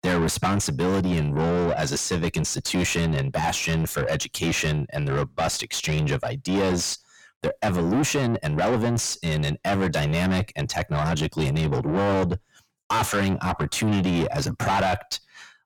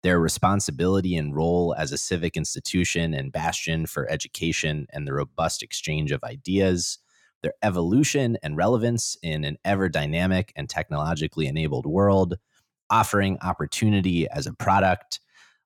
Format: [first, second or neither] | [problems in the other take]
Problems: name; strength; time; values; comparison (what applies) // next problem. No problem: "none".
second | distortion; heavy; 6 dB below the speech